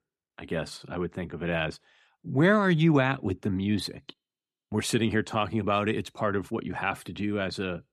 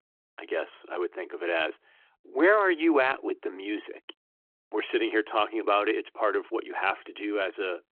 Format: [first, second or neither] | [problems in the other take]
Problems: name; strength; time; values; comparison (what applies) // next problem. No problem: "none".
first | phone-call audio